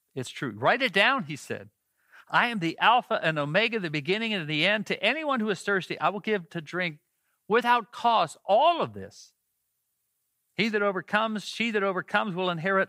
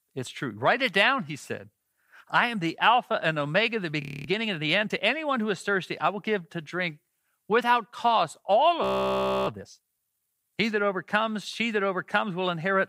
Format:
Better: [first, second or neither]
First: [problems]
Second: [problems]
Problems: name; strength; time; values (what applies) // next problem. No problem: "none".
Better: first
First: none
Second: audio freezing; at 4 s and at 9 s for 0.5 s